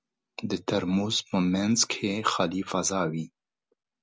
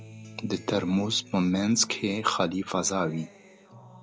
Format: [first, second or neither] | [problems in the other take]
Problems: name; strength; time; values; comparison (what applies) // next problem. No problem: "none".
first | background sound (Acoustic guitar); 19 dB below the speech